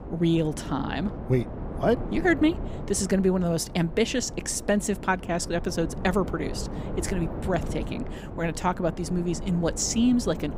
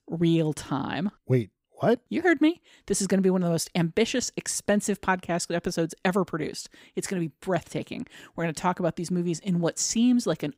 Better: second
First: wind noise on the microphone; occasional gusts; 10 dB below the speech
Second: none

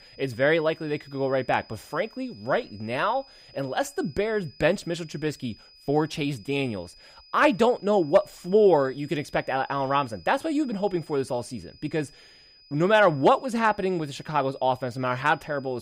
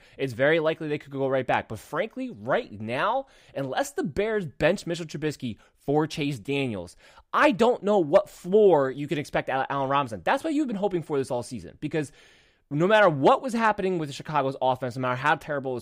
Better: second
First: high-pitched whine; faint; throughout; 5 kHz, 25 dB below the speech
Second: none

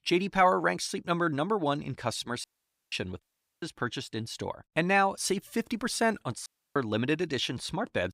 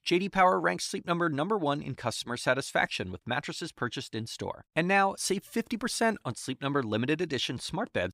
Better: second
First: audio cutting out; at 2.5 s, at 3 s and at 6.5 s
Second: none

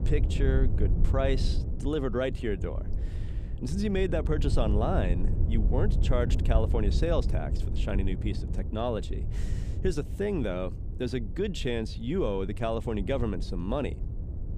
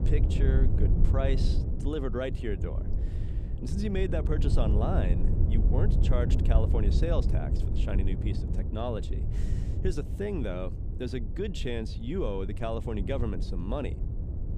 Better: first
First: wind noise on the microphone; occasional gusts; 10 dB below the speech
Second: wind noise on the microphone; heavy; 7 dB below the speech

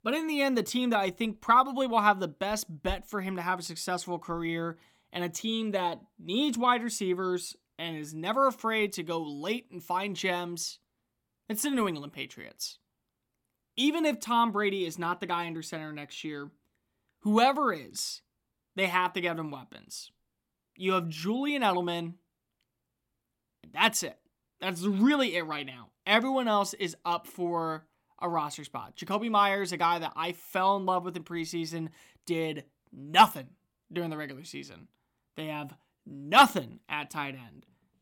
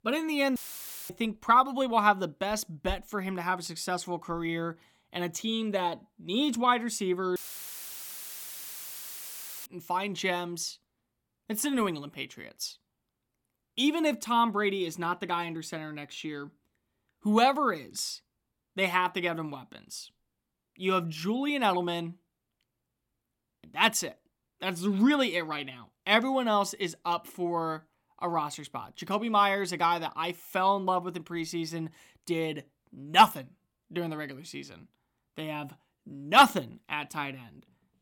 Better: first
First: none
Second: audio cutting out; filled with static; at 0.5 s for 0.5 s and at 7.5 s for 2.5 s

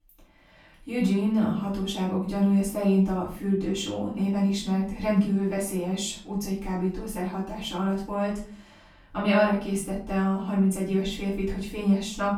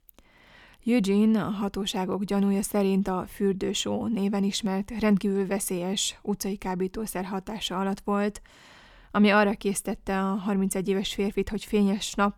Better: second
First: off-mic speech; far // room echo; noticeable; dies away in 0.4 s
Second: none

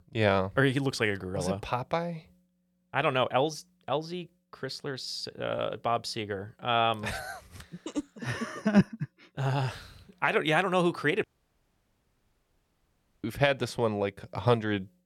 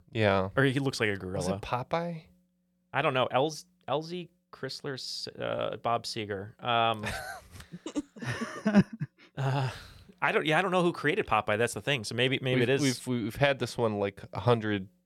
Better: second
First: audio cutting out; at 11 s for 2 s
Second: none

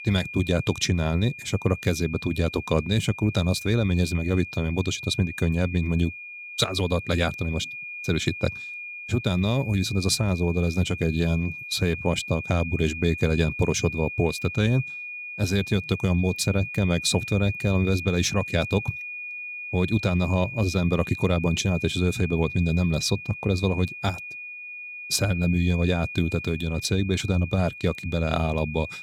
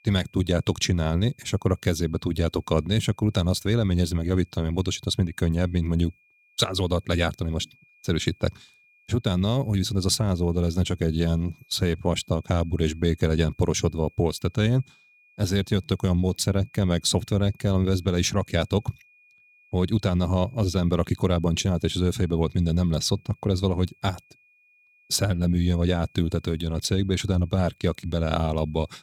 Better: second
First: high-pitched whine; loud; throughout; 2.5 kHz, 10 dB below the speech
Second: high-pitched whine; faint; throughout; 2.5 kHz, 35 dB below the speech

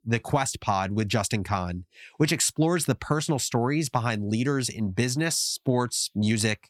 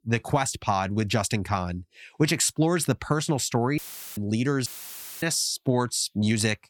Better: first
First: none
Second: audio cutting out; filled with static; at 4 s and at 4.5 s for 0.5 s

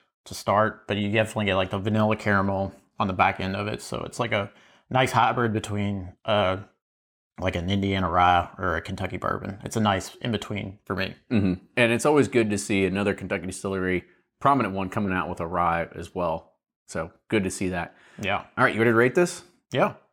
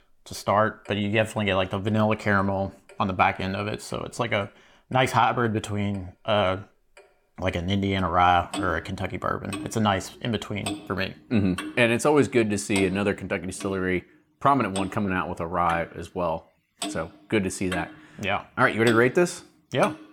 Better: first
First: none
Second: household noises; noticeable; throughout; 10 dB below the speech

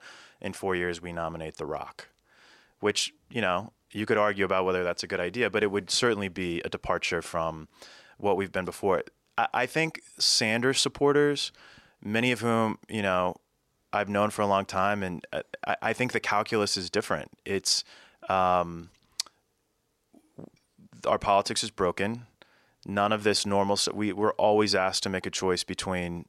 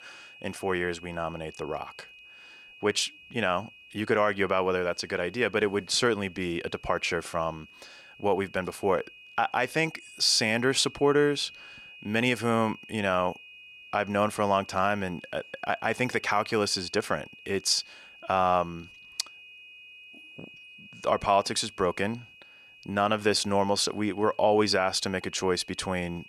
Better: first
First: none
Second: high-pitched whine; faint; throughout; 2.5 kHz, 20 dB below the speech

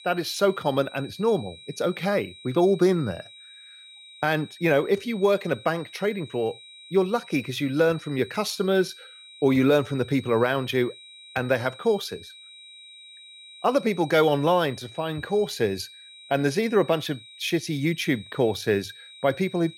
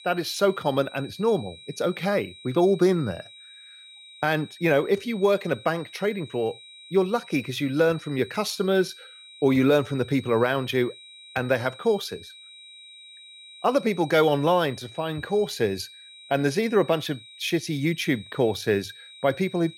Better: neither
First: high-pitched whine; noticeable; throughout; 4 kHz, 20 dB below the speech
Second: high-pitched whine; noticeable; throughout; 4 kHz, 20 dB below the speech

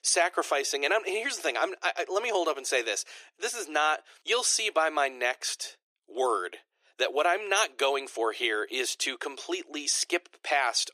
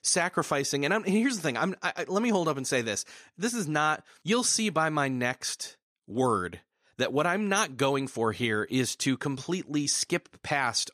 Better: second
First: thin; very; fading below 350 Hz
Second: none

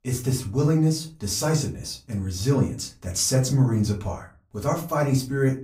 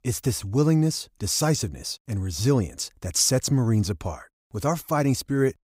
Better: second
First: off-mic speech; far // room echo; very slight; dies away in 0.3 s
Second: none

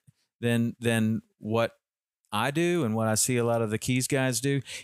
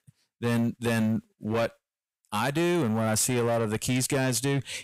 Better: first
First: none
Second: distortion; slight; 15% of the sound clipped

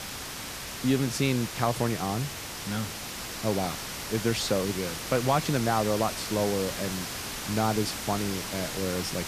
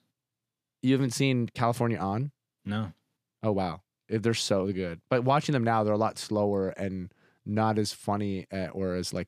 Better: second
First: hiss; loud; throughout; 5 dB below the speech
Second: none

